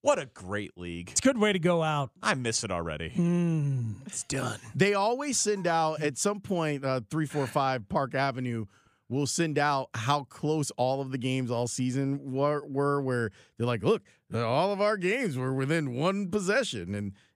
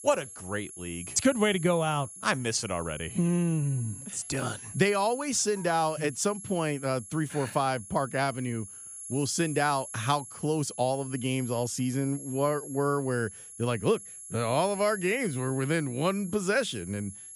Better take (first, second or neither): first